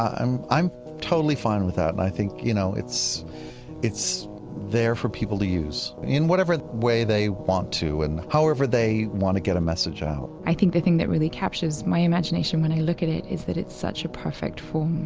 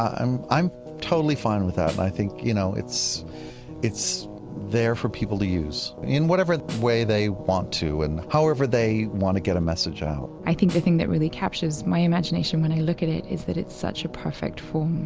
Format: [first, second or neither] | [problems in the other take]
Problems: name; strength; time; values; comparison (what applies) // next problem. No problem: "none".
first | background sound (Snare drum); 17 dB below the speech